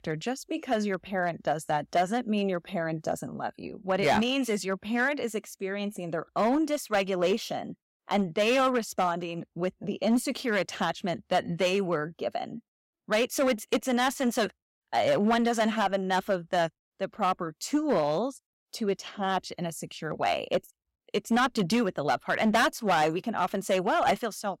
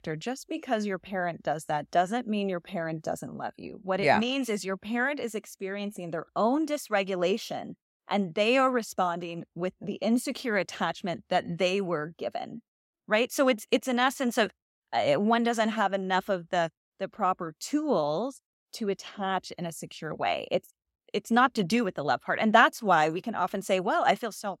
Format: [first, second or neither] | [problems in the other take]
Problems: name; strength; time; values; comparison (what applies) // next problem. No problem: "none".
second | distortion; slight; 4% of the sound clipped